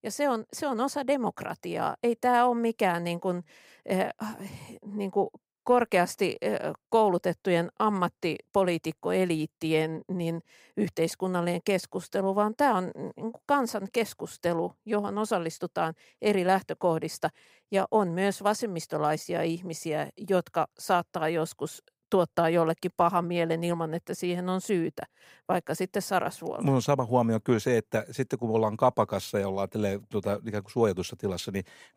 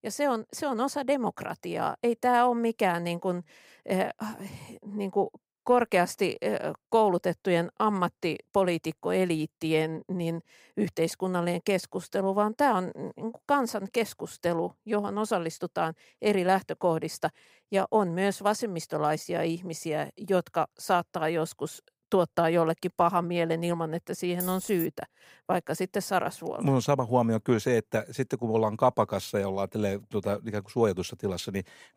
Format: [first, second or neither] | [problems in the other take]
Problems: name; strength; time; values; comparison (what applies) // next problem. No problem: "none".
first | jangling keys; noticeable; at 24 s; peak 7 dB below the speech